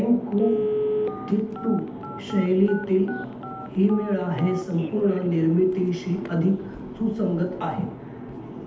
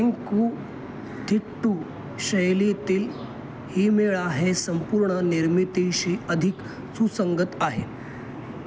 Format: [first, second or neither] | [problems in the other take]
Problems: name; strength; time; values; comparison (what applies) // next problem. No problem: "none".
second | background sound (Telephone); 9 dB below the speech // room echo; dies away in 0.8 s